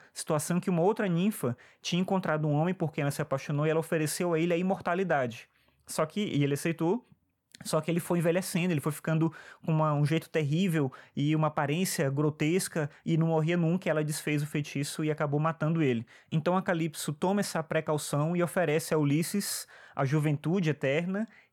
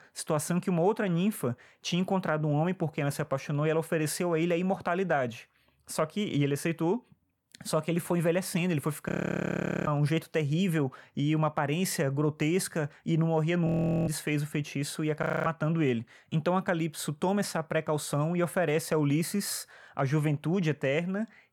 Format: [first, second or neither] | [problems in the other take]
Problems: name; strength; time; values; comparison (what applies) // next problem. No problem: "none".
first | audio freezing; at 9 s for 1 s, at 14 s and at 15 s